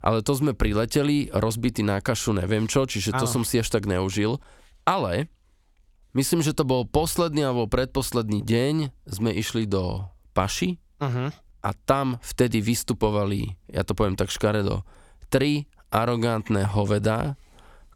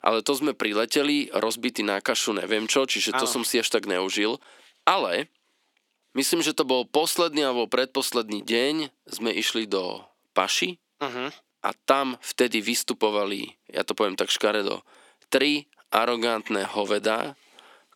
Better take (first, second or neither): first